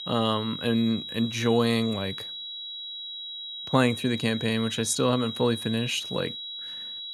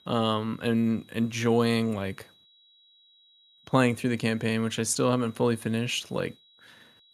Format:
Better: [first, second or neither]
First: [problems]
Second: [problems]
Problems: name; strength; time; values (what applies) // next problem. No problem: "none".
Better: second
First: high-pitched whine; loud; throughout; 4 kHz, 8 dB below the speech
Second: high-pitched whine; faint; throughout; 4 kHz, 30 dB below the speech